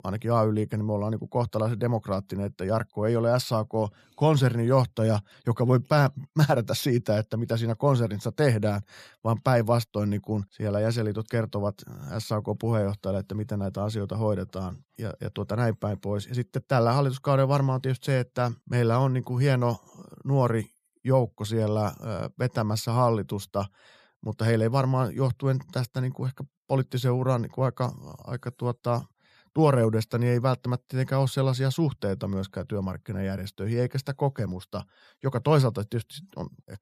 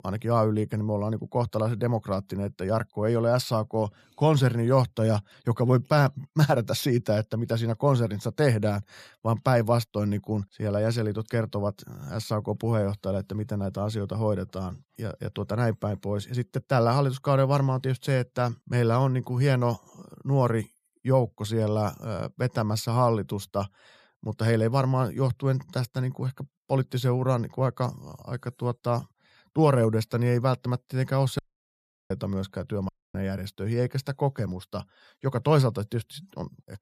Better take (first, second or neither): first